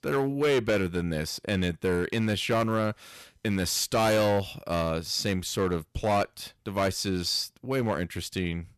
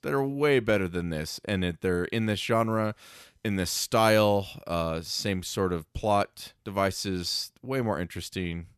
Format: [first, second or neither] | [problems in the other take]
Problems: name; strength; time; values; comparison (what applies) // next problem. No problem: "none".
second | distortion; slight; 7% of the sound clipped